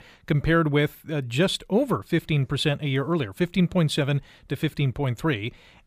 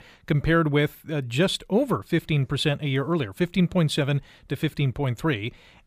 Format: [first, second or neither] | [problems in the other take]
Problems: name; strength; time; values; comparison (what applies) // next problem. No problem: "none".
neither | none